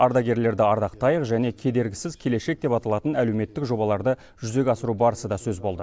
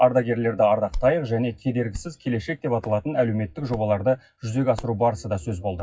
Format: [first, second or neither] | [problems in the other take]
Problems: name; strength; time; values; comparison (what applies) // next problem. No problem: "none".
first | noise reduction (classical method WPE with log-MMSE)